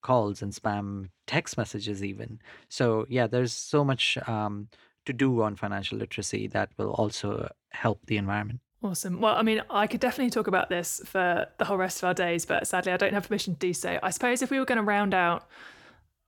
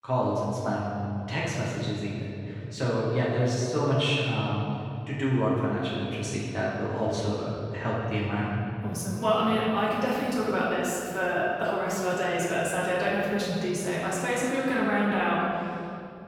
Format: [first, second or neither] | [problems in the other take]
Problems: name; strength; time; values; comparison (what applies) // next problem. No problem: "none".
first | room echo; strong; dies away in 3 s // off-mic speech; far